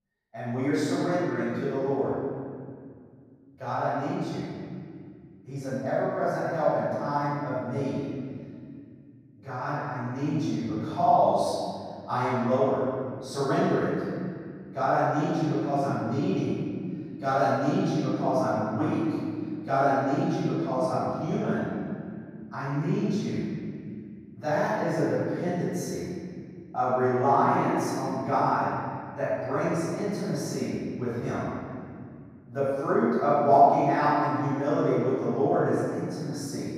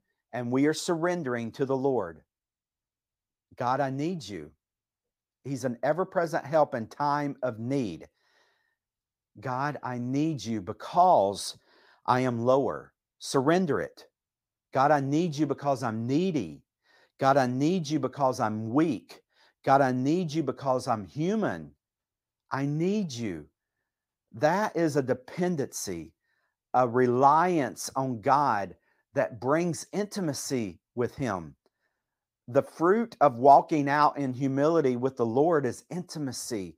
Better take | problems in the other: second | room echo; strong; dies away in 2.4 s // off-mic speech; far

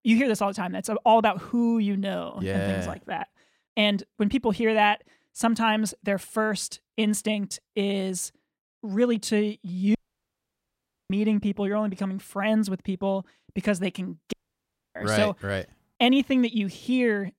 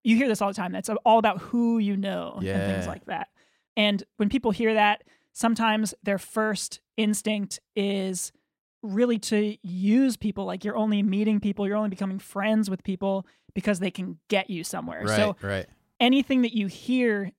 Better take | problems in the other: second | audio cutting out; at 10 s for 1 s and at 14 s for 0.5 s

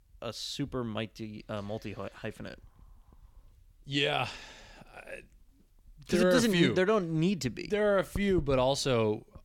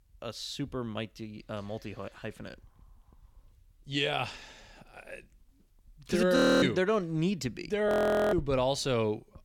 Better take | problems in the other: first | audio freezing; at 6.5 s and at 8 s

